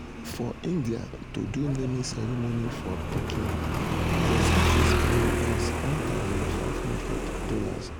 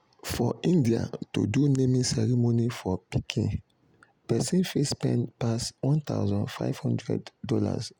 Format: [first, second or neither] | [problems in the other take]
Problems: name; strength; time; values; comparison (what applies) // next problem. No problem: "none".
second | background sound (Motorcycle); 5 dB above the speech